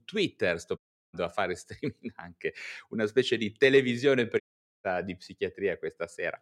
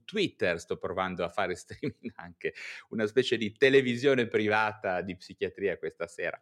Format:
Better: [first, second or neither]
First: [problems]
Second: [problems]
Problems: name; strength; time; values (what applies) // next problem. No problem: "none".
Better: second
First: audio cutting out; at 1 s and at 4.5 s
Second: none